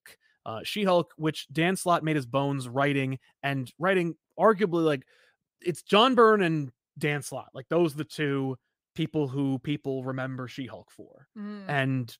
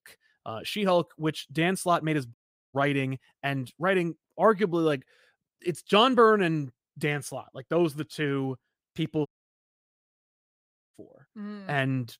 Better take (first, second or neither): first